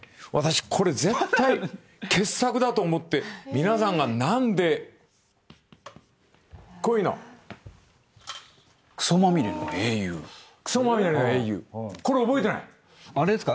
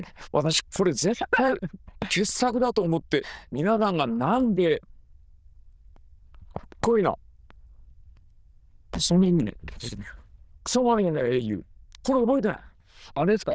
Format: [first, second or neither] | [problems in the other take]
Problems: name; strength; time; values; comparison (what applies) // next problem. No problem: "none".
first | noise reduction (neural diffusion model UNIVERSE++)